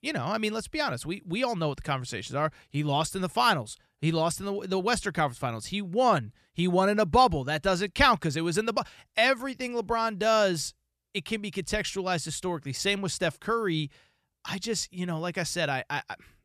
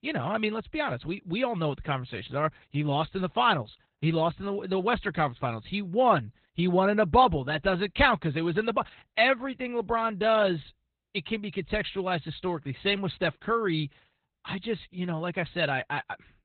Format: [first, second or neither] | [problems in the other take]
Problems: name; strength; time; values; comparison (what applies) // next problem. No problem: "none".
first | garbled, watery; badly; nothing above 4 kHz